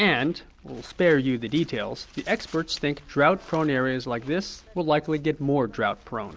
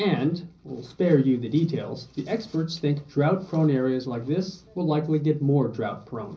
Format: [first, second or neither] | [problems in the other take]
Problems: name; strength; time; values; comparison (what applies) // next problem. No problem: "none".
first | room echo; dies away in 0.5 s